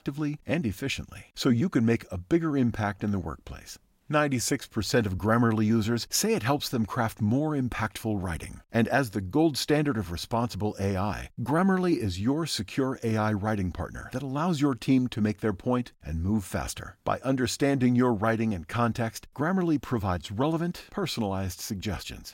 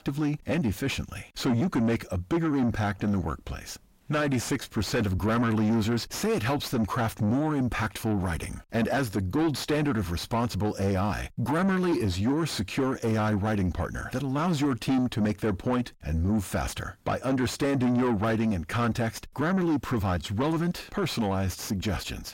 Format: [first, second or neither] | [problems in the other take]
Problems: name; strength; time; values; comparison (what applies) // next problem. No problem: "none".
first | distortion; heavy; 7 dB below the speech